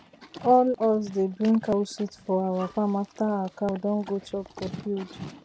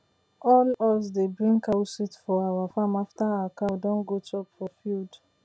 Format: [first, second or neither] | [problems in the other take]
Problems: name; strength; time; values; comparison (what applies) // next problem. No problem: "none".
second | background sound (Livestock, farm animals, working animals); 18 dB below the speech